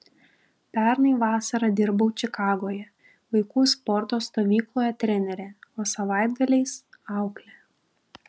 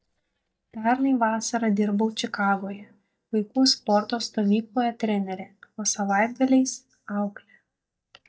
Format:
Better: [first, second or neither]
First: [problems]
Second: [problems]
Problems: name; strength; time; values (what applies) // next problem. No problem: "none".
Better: first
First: none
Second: noise reduction (neural mask model DeepFilterNet 3)